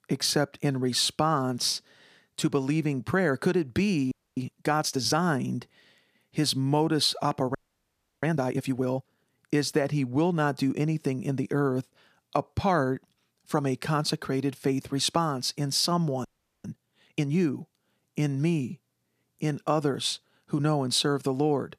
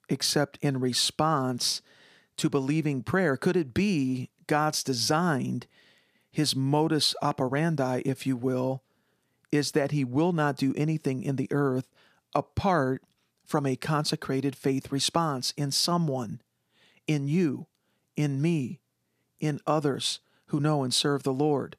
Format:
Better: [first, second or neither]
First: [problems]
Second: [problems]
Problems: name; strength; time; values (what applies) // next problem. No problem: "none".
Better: second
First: audio freezing; at 4 s, at 7.5 s for 0.5 s and at 16 s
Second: none